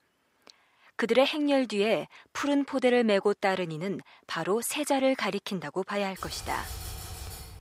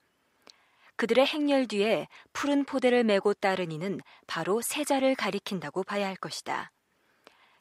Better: second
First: keyboard typing; faint; from 6 s on; peak 10 dB below the speech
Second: none

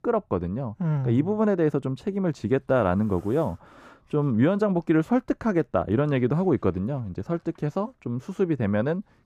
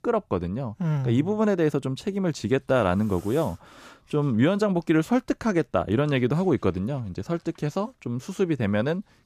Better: second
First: muffled; slightly; fading above 2.5 kHz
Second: none

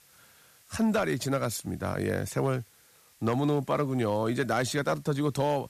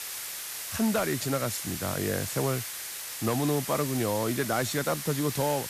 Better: first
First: hiss; faint; throughout; 30 dB below the speech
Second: hiss; loud; throughout; 5 dB below the speech

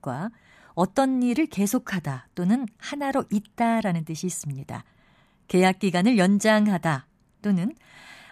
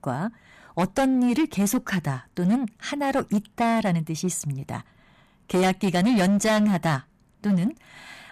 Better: first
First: none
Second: distortion; slight; 11% of the sound clipped

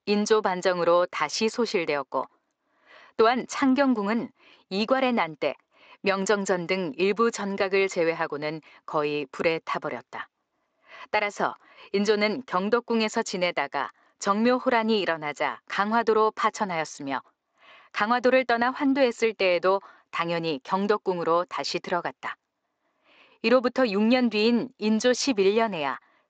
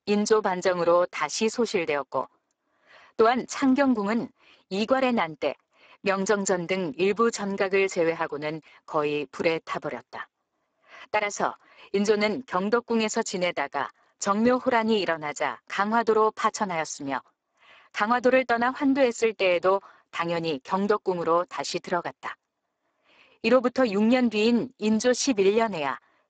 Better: first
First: garbled, watery; slightly; nothing above 7.5 kHz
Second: garbled, watery; badly; nothing above 7.5 kHz

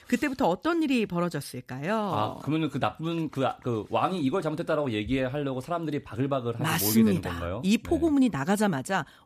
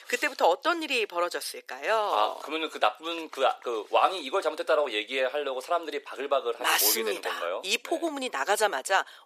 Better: first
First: none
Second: thin; very; fading below 400 Hz

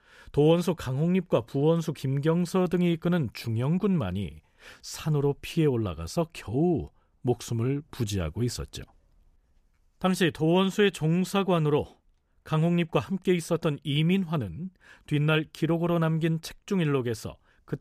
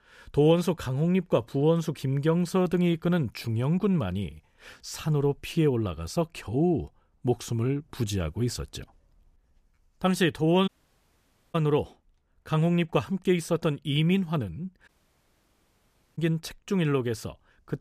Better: first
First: none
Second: audio cutting out; at 11 s for 1 s and at 15 s for 1.5 s

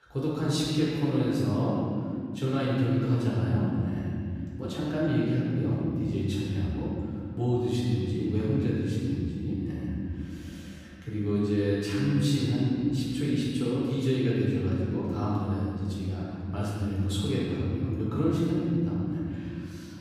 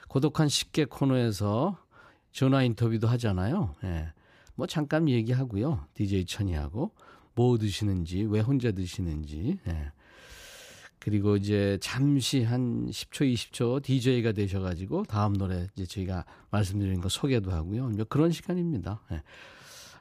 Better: second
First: room echo; strong; dies away in 2.8 s // off-mic speech; far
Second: none

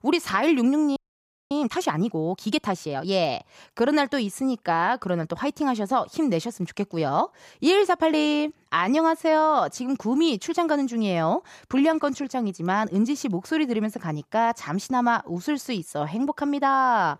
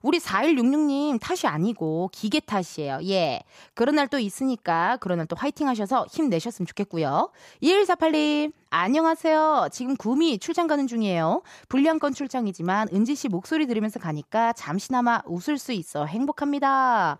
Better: second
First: audio freezing; at 1 s for 0.5 s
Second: none

